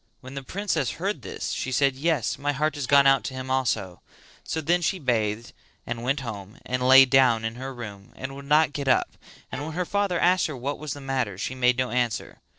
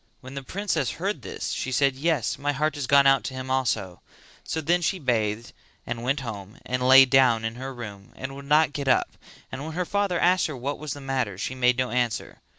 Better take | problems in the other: second | noise reduction (neural separator model SepFormer DNS4)

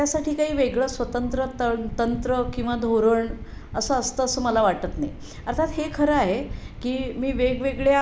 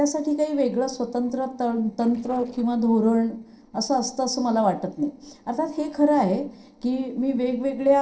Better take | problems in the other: first | noise reduction (neural separator model SepFormer DNS4)

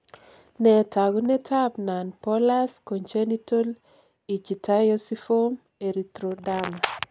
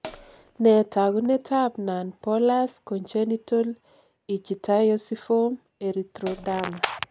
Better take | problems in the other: first | background sound (Hi-hat); 17 dB below the speech

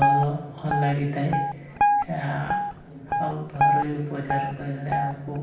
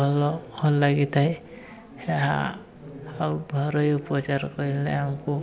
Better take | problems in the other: second | background sound (Guitar); 3 dB above the speech // room echo; dies away in 0.9 s

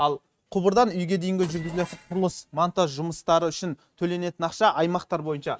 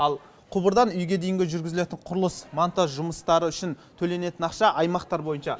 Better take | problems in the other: second | noise reduction (neural mask model RNNoise)

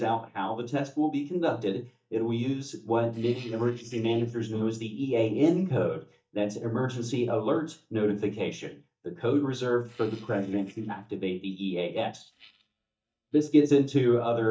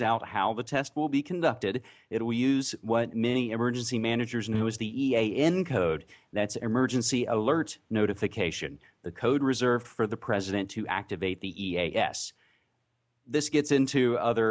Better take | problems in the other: second | noise reduction (neural mask model DeepFilterNet 3)

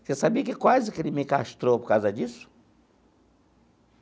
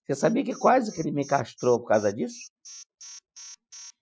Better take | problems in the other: first | noise reduction (classical method Wiener filter)

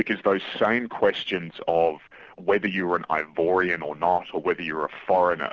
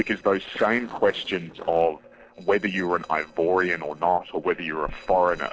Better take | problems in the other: first | noise reduction (neural separator model SepFormer DNS4)

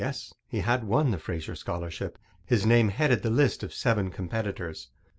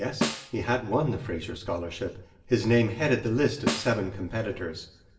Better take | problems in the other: first | background sound (Snare drum); 7 dB below the speech // room echo; dies away in 0.8 s

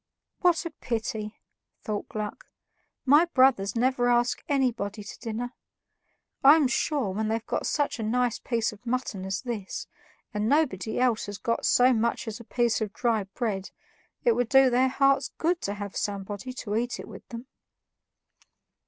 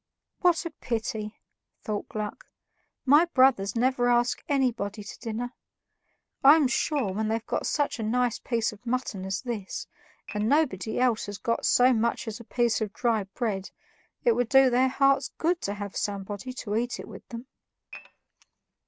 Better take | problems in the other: first | background sound (Dishes, pots, and pans / Glass); 17 dB below the speech

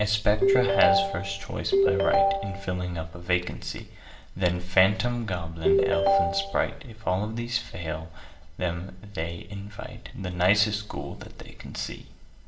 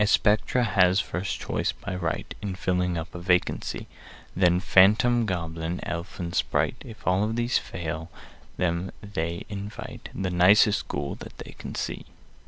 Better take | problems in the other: second | background sound (Ringtone); 4 dB above the speech // room echo; dies away in 0.6 s

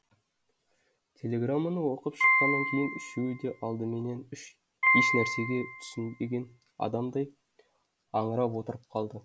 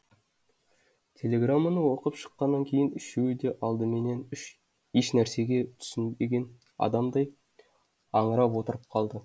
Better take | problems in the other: second | background sound (Piano); 3 dB above the speech

